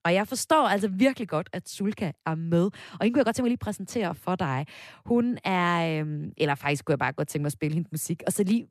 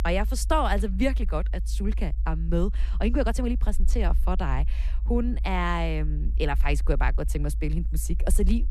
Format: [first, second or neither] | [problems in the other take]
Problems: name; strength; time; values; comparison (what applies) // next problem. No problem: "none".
first | low rumble; faint; throughout; 20 dB below the speech